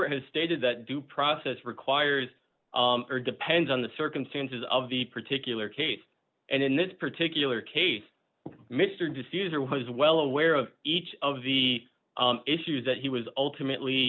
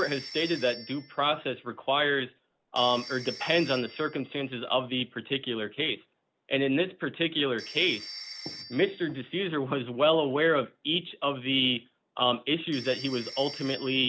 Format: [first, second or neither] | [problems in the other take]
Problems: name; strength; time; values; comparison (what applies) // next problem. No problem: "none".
first | background sound (Telephone); 17 dB below the speech